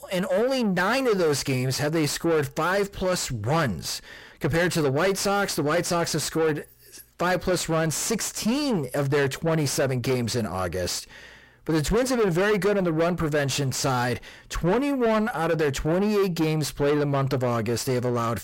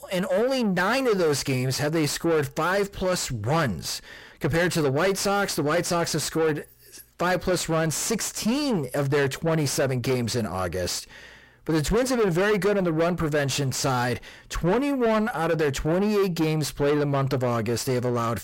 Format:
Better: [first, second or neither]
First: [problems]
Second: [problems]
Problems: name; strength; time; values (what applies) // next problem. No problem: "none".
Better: neither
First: distortion; heavy; 7 dB below the speech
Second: distortion; heavy; 7 dB below the speech